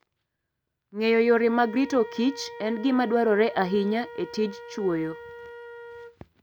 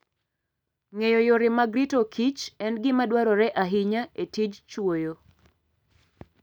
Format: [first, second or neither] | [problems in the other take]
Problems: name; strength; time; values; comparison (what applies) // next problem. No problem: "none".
second | background sound (Wind instrument, woodwind instrument); 16 dB below the speech